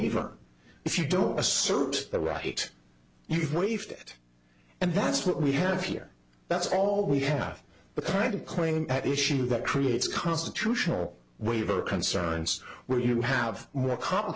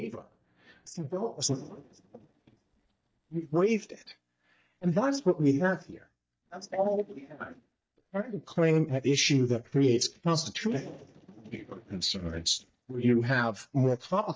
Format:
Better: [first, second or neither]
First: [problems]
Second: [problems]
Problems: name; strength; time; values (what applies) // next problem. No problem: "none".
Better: first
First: none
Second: noise reduction (neural mask model DeepFilterNet 3)